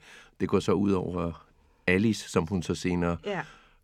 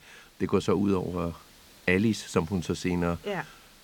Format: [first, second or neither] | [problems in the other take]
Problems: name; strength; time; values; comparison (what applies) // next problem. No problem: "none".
first | hiss; faint; throughout; 25 dB below the speech